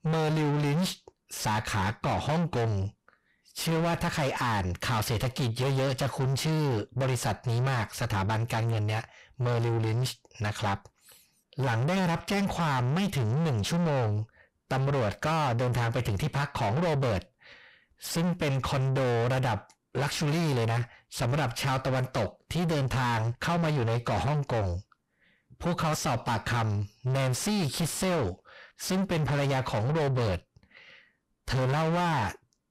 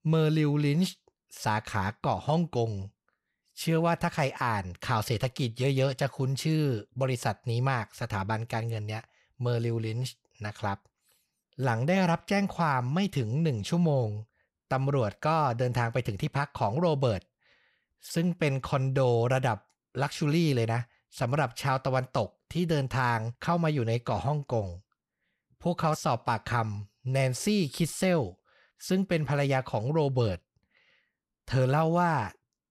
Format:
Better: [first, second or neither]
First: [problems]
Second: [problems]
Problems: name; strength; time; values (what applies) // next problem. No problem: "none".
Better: second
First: distortion; heavy; 5 dB below the speech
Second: none